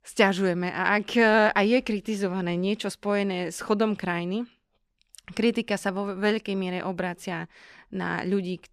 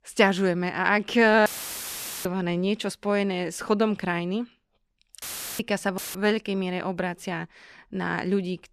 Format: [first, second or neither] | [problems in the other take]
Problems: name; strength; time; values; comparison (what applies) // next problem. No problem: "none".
first | audio cutting out; filled with static; at 1.5 s for 1 s, at 5 s and at 6 s